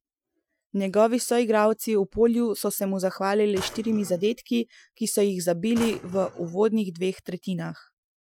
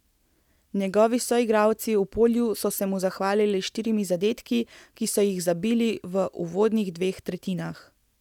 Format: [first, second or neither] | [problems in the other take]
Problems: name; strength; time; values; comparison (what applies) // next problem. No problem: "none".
second | noise reduction (classical method Wiener filter)